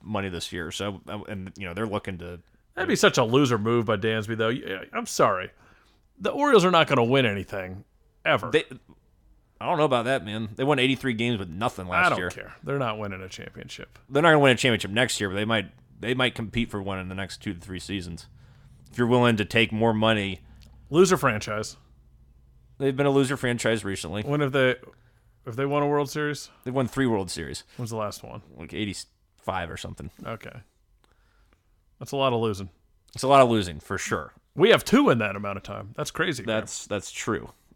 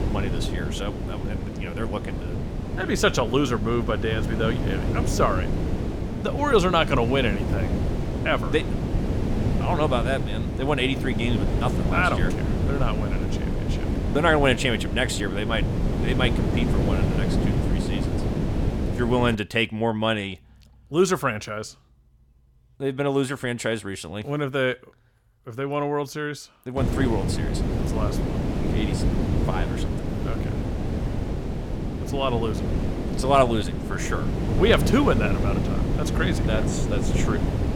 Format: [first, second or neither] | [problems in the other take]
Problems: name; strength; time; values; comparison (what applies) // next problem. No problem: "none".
first | wind noise on the microphone; heavy; until 19 s and from 27 s on; 7 dB below the speech